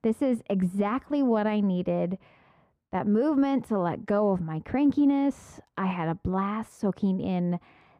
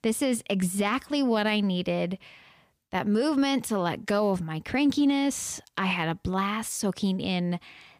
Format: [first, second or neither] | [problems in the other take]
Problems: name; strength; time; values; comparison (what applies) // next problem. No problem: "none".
second | muffled; very; fading above 2 kHz